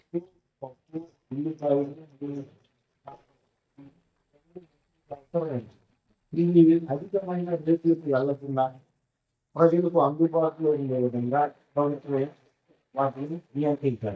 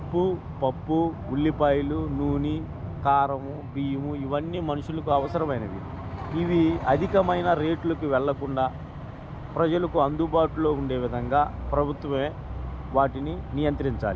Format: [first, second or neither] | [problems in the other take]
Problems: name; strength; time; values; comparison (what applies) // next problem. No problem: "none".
second | noise reduction (neural mask model DeepFilterNet 3)